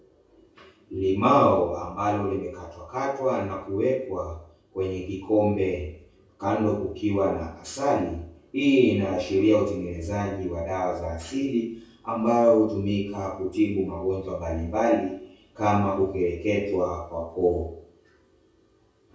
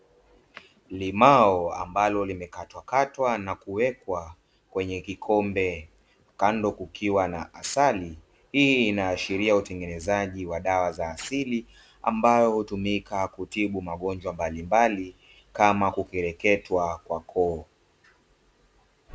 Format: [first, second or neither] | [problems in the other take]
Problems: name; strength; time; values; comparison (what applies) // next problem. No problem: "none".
second | room echo; dies away in 0.6 s